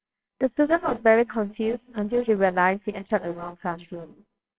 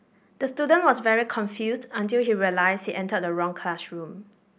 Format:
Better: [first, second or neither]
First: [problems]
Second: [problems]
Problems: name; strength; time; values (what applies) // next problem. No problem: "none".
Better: second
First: noise reduction (neural separator model SepFormer WHAMR!)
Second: none